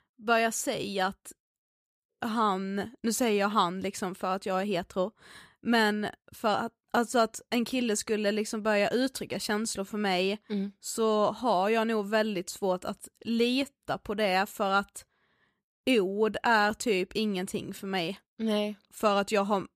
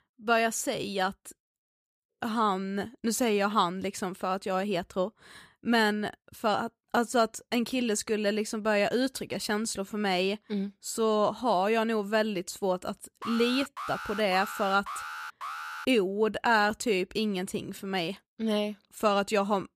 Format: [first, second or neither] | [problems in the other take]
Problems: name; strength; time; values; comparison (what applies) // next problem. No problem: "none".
first | alarm; noticeable; from 13 to 16 s; peak 8 dB below the speech